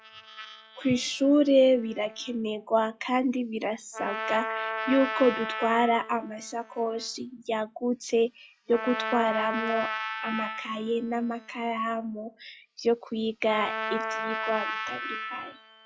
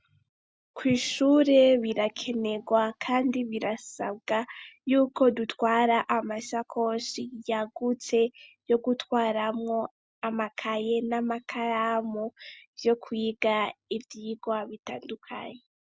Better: second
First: noise reduction (classical method log-MMSE)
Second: none

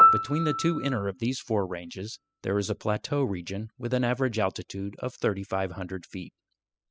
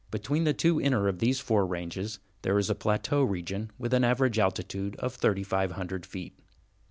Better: second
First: noise reduction (classical method spectral subtraction)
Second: none

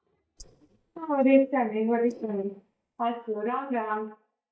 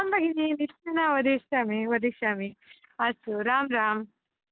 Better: second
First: noise reduction (neural mask model DeepFilterNet 3)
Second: none

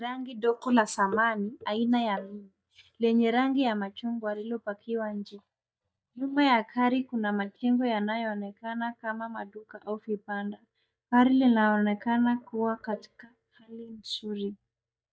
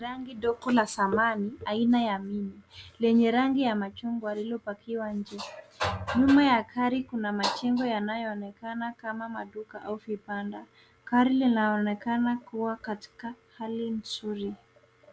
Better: second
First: noise reduction (neural mask model DeepFilterNet 3)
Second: none

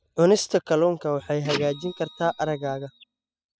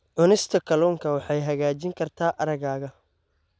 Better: second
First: noise reduction (classical method spectral subtraction)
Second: none

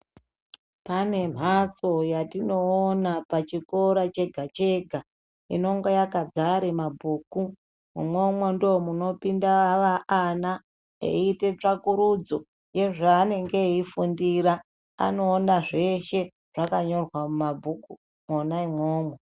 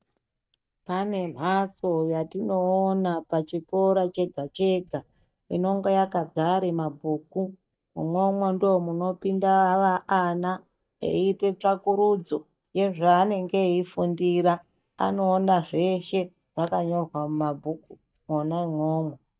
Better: first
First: none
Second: noise reduction (neural mask model DeepFilterNet 3)

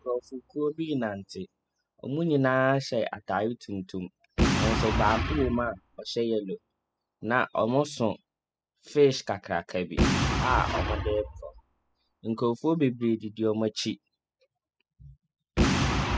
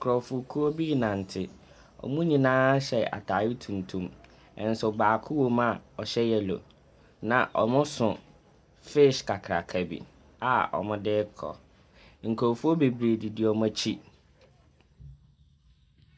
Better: second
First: noise reduction (classical method spectral subtraction)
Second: none

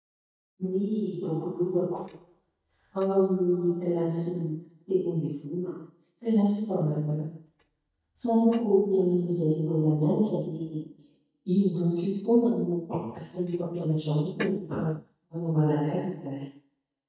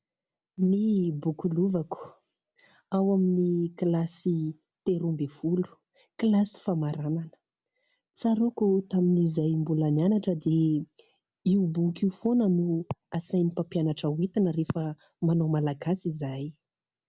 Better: second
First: noise reduction (neural mask model DeepFilterNet 3)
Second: none

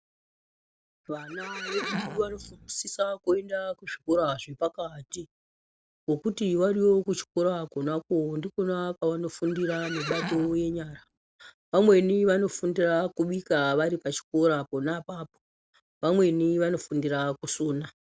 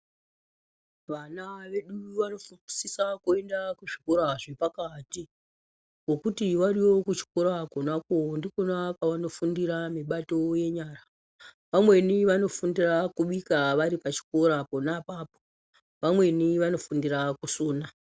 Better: second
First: background sound (Livestock, farm animals, working animals); 10 dB below the speech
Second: none

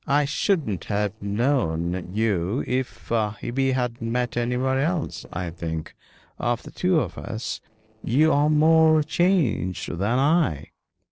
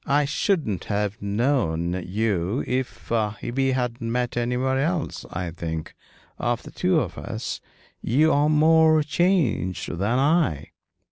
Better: second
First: noise reduction (neural separator model SepFormer DNS4)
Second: none

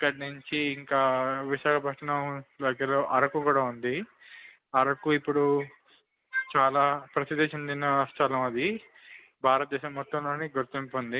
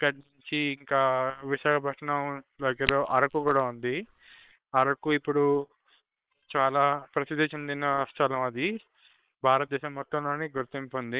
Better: first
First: none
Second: noise reduction (neural separator model SepFormer WHAM!)

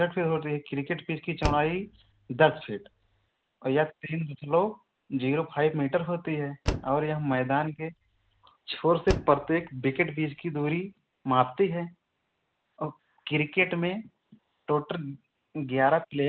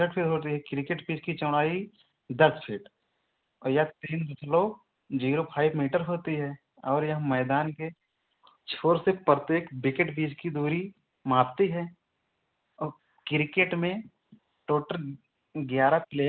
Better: second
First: background sound (Slam); 9 dB below the speech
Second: none

